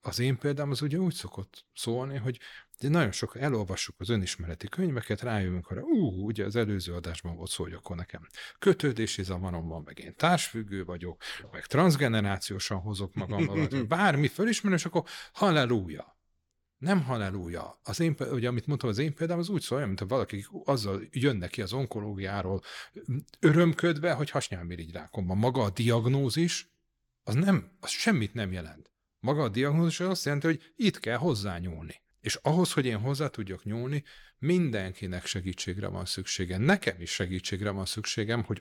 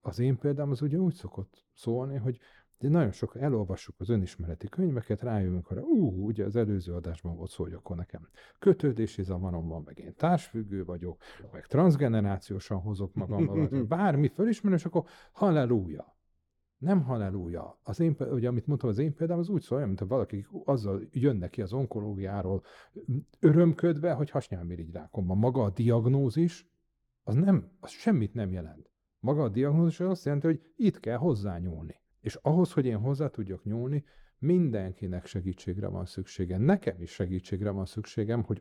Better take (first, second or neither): first